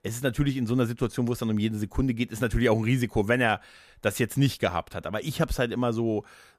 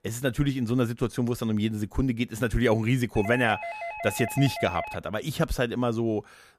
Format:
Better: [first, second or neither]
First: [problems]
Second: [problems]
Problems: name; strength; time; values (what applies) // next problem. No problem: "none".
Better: first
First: none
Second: doorbell; noticeable; from 3 to 5 s; peak 7 dB below the speech